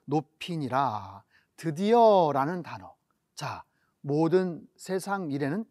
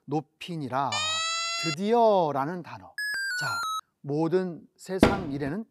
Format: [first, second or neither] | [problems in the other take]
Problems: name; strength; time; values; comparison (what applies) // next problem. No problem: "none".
first | siren; loud; at 1 s; peak 3 dB above the speech // alarm; noticeable; at 3 s; peak level with the speech // door banging; loud; at 5 s; peak 4 dB above the speech